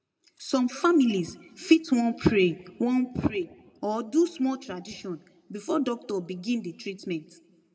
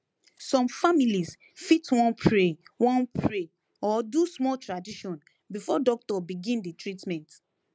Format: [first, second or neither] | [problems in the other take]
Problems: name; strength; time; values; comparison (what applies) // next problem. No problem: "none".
second | room echo; dies away in 0.9 s